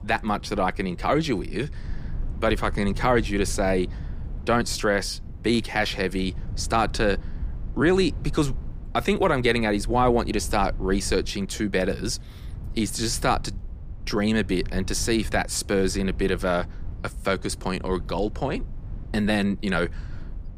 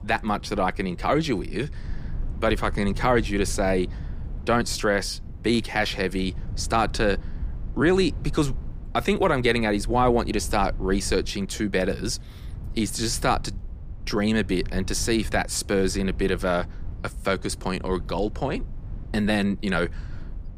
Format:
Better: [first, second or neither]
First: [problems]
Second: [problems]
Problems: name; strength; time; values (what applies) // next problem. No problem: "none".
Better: neither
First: low rumble; faint; throughout; 25 dB below the speech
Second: low rumble; faint; throughout; 25 dB below the speech